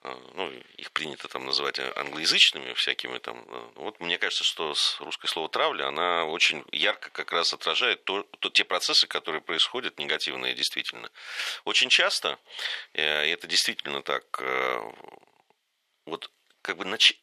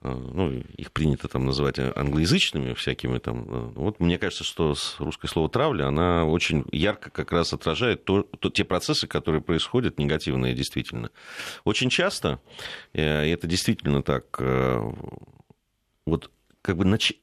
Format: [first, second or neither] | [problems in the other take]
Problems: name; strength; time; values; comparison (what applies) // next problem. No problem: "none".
second | thin; very; fading below 700 Hz